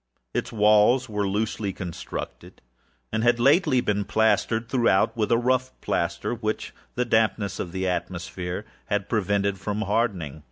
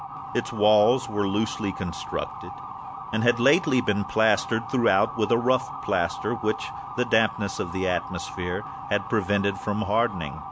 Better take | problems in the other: first | background sound (Motor vehicle (road) / Siren); 10 dB below the speech

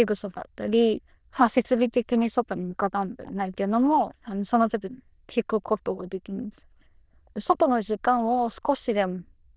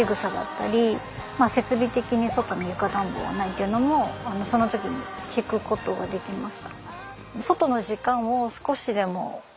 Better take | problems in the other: second | noise reduction (neural diffusion model UNIVERSE++)

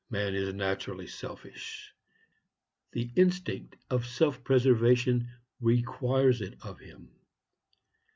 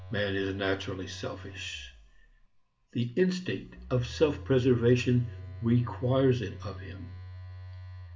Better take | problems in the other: first | background sound (Telephone); 14 dB below the speech // room echo; dies away in 0.5 s

